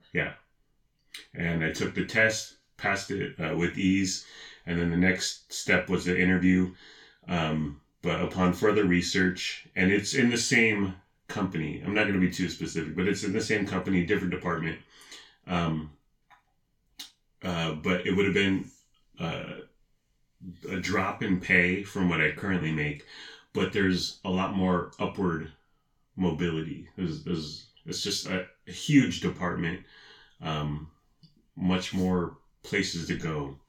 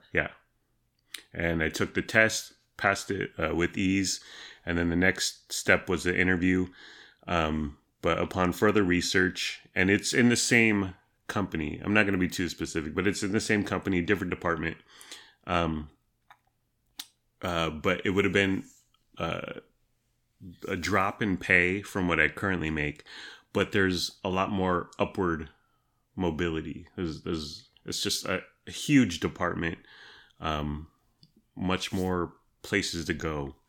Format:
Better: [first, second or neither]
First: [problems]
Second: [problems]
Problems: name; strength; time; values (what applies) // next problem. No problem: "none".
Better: second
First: room echo; slight; dies away in 0.2 s // off-mic speech; far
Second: none